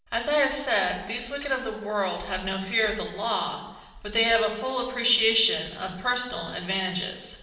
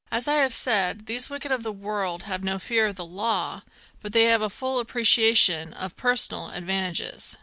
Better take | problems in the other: second | room echo; dies away in 1.1 s

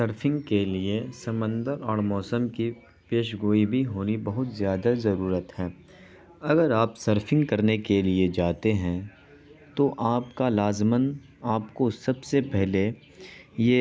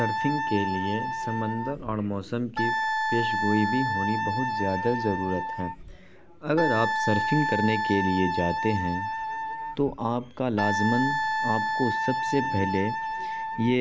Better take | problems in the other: first | background sound (Wind instrument, woodwind instrument); 1 dB below the speech

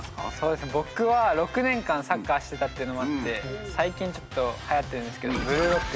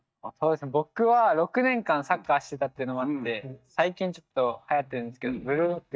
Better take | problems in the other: first | noise reduction (neural mask model DeepFilterNet 3)

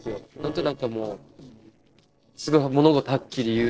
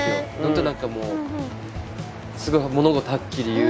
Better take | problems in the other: second | noise reduction (neural separator model SepFormer DNS4)

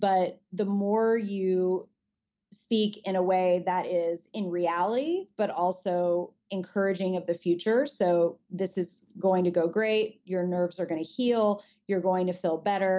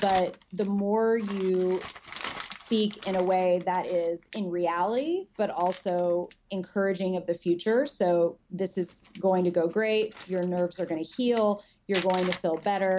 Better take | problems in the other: first | background sound (Crumpling, crinkling); 18 dB below the speech

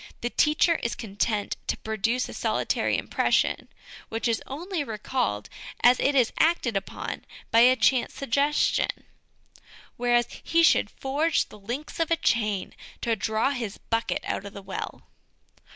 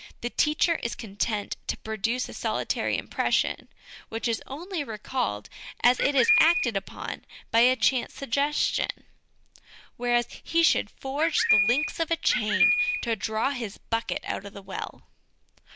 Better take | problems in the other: first | background sound (Bird); 3 dB above the speech

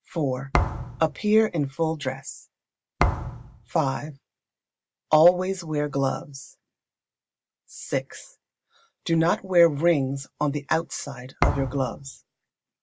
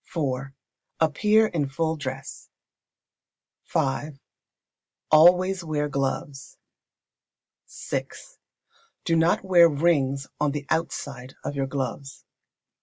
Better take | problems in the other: second | background sound (Thump, thud); 2 dB below the speech

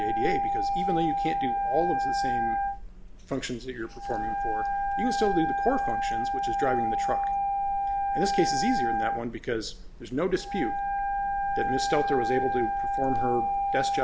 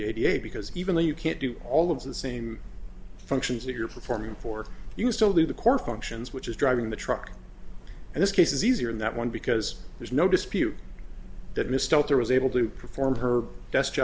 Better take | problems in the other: second | background sound (Wind instrument, woodwind instrument); 2 dB above the speech

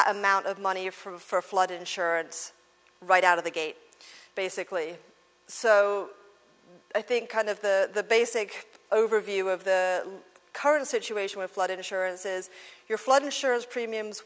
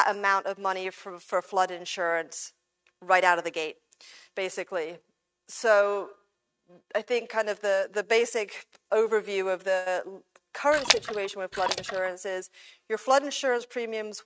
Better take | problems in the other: first | noise reduction (neural mask model RNNoise)

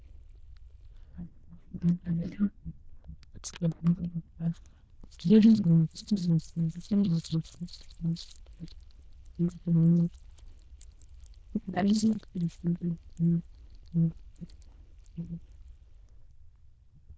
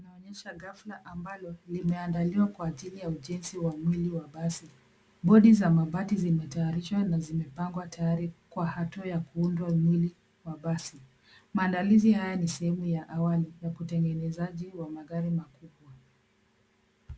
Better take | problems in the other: second | noise reduction (neural diffusion model UNIVERSE++)

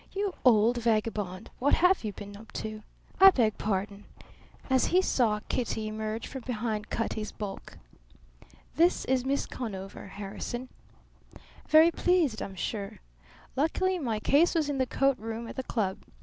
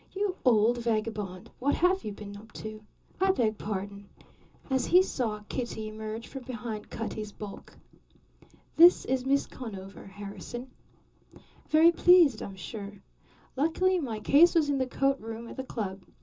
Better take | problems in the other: first | room echo; dies away in 0.2 s

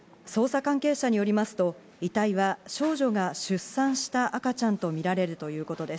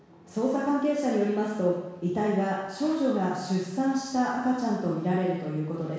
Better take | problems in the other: first | room echo; dies away in 1.1 s

